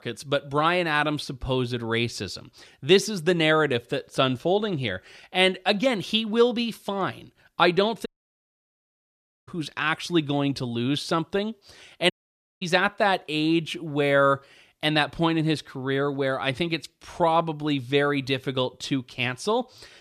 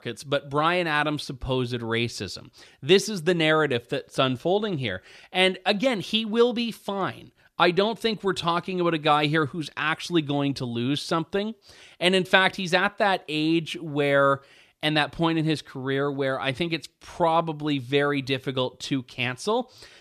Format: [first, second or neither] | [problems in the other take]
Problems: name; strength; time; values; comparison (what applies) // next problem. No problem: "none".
second | audio cutting out; at 8 s for 1.5 s and at 12 s for 0.5 s